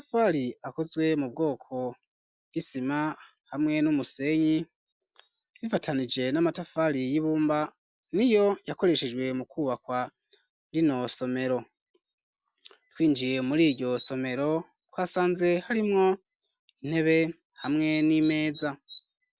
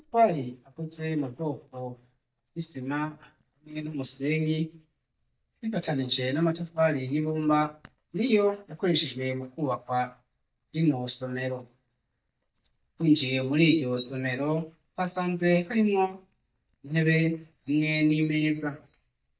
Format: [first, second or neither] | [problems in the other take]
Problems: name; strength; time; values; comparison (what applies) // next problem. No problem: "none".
first | noise reduction (neural mask model DeepFilterNet 3)